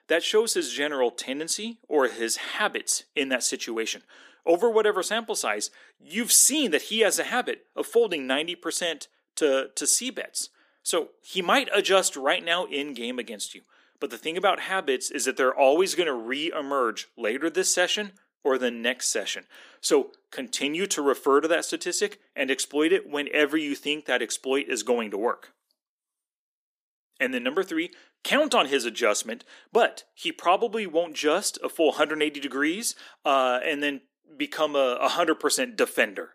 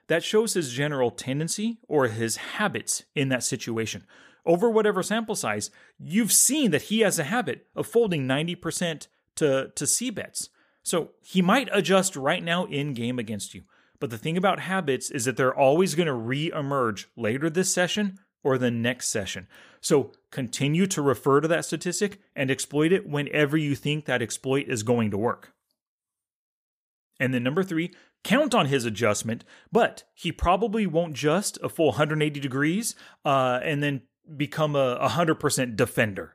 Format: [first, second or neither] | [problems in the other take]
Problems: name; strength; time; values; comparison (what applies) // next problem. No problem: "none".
second | thin; somewhat; fading below 250 Hz